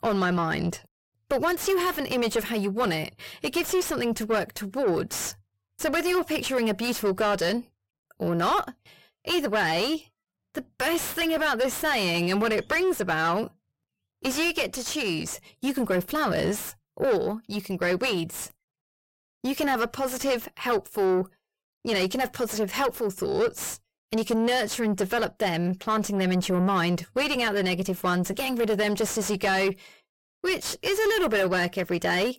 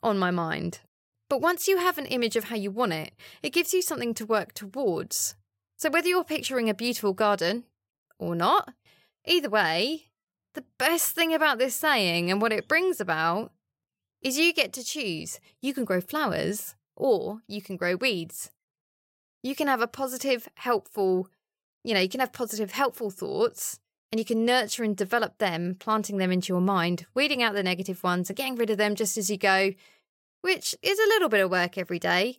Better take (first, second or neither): second